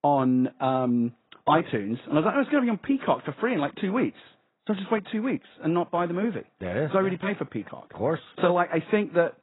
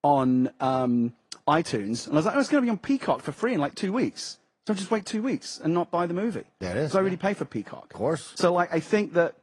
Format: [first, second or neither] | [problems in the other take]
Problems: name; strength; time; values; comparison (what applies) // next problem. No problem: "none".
second | garbled, watery; badly; nothing above 4 kHz; slightly in the second